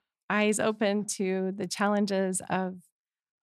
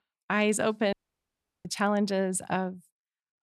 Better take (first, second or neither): first